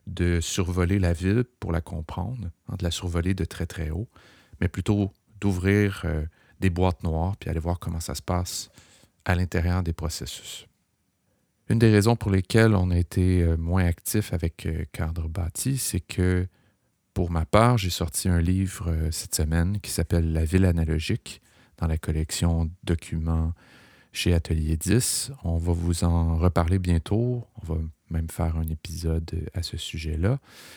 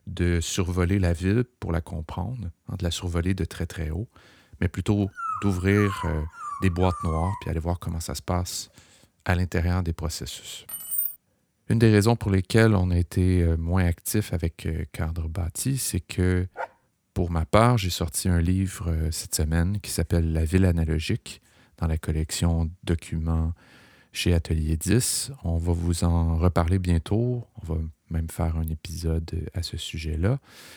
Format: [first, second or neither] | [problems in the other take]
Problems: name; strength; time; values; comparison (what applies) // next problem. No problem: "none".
first | dog barking; noticeable; from 5 to 7.5 s; peak 5 dB below the speech // jangling keys; loud; at 11 s; peak level with the speech // dog barking; faint; at 17 s; peak 10 dB below the speech